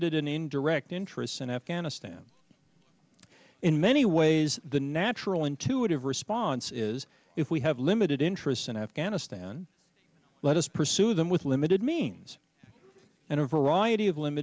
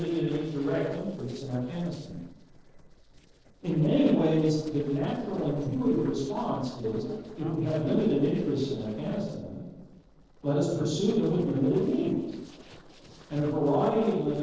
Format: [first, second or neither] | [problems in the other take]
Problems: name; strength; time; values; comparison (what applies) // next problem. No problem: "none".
first | noise reduction (neural separator model SepFormer DNS4)